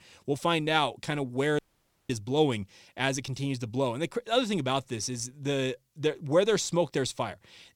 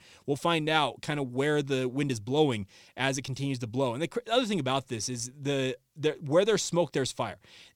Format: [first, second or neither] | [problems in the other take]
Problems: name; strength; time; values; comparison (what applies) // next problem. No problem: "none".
second | audio cutting out; at 1.5 s